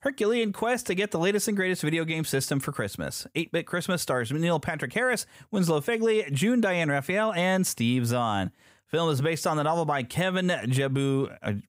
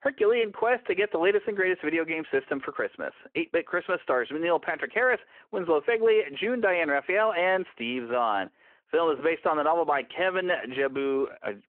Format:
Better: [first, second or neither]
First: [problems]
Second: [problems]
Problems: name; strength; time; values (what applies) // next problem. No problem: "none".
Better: first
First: none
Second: phone-call audio